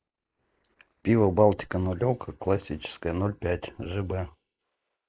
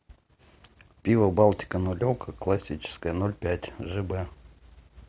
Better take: second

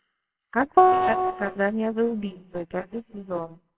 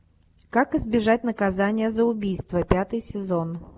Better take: second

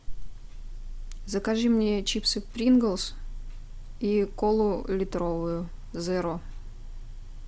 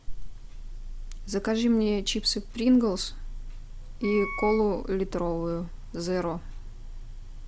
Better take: first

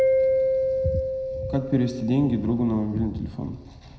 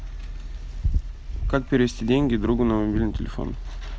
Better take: second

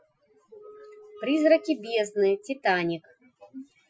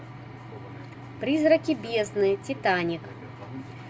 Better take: second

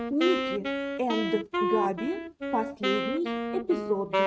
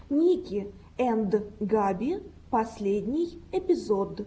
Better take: second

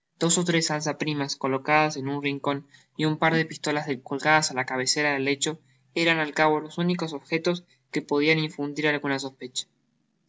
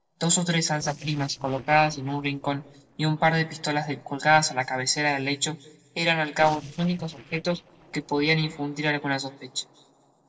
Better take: first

